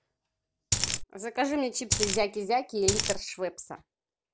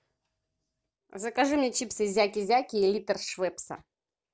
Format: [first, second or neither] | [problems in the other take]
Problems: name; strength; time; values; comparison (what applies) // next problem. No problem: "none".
second | background sound (Coin (dropping)); 4 dB above the speech